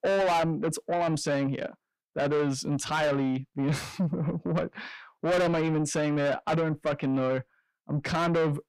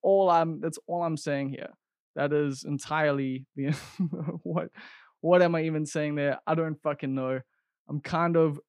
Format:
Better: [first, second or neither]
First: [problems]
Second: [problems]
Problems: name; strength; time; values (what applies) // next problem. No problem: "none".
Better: second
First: distortion; heavy; 6 dB below the speech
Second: none